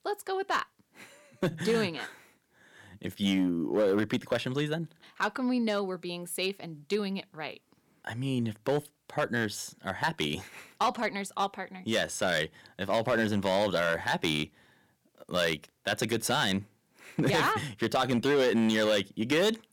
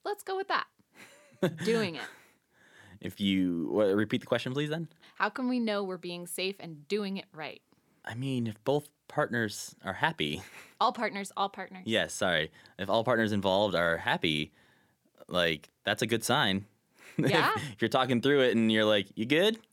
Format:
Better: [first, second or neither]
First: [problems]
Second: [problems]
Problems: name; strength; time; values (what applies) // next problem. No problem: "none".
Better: second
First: distortion; slight; 4% of the sound clipped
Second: none